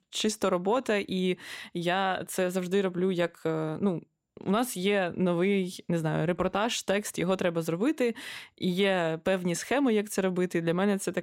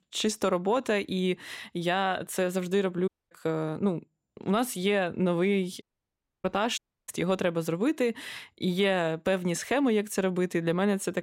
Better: first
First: none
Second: audio cutting out; at 3 s, at 6 s for 0.5 s and at 7 s

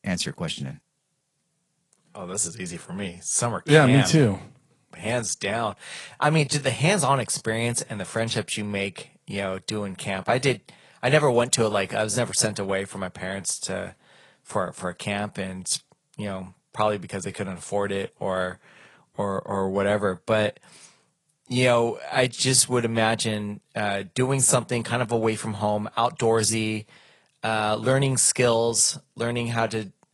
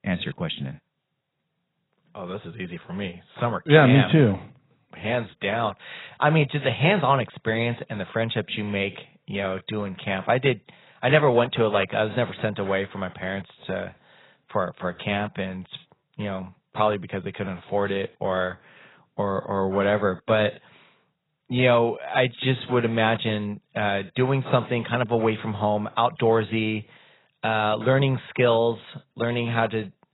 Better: first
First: garbled, watery; slightly; nothing above 10.5 kHz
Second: garbled, watery; badly; nothing above 4 kHz

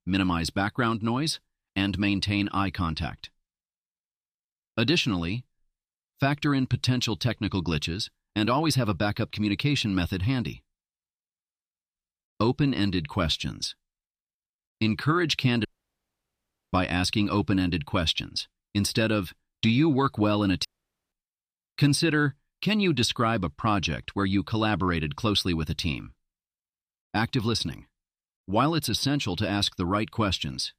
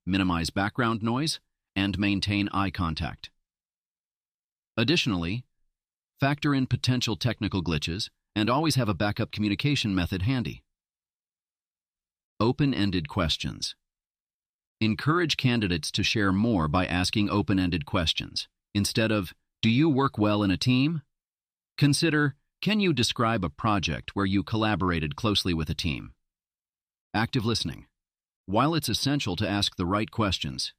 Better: second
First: audio cutting out; at 16 s for 1 s and at 21 s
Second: none

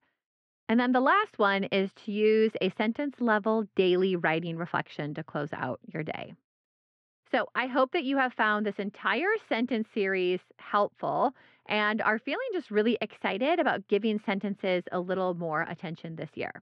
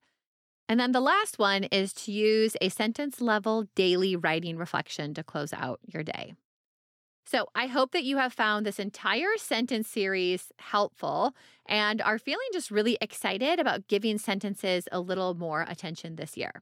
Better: second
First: muffled; very; fading above 2.5 kHz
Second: none

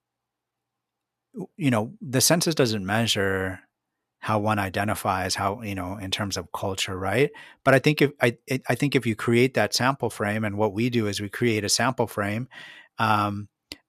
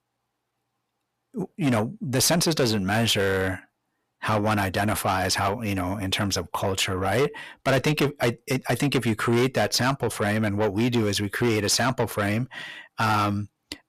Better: first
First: none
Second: distortion; heavy; 7 dB below the speech

